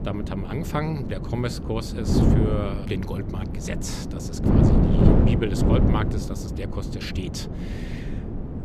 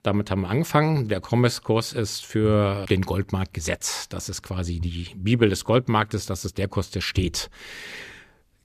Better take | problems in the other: second | wind noise on the microphone; heavy; 2 dB above the speech

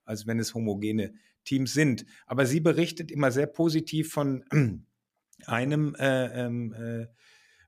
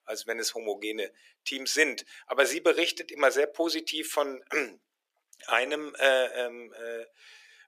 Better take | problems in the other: first | thin; very; fading below 400 Hz

